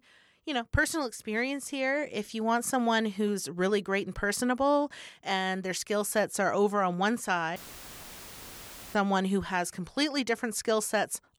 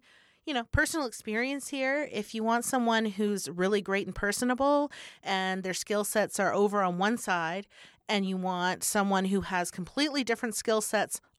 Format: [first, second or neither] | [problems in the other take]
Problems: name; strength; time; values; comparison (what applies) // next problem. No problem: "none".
second | audio cutting out; filled with static; at 7.5 s for 1.5 s